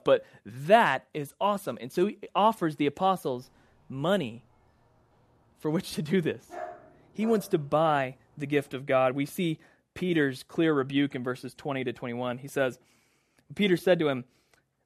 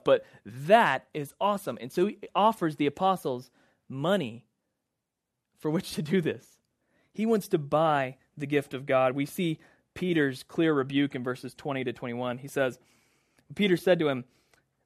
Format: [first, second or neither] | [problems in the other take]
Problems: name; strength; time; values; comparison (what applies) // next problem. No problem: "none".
second | dog barking; faint; at 6.5 s; peak 15 dB below the speech